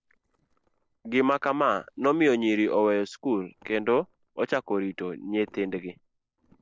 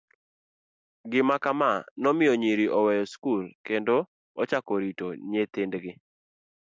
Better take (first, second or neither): second